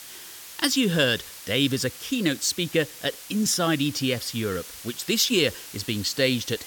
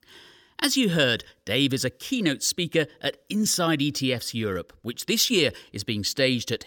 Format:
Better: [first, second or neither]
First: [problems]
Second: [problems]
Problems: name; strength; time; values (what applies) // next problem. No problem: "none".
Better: second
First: hiss; noticeable; throughout; 15 dB below the speech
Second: none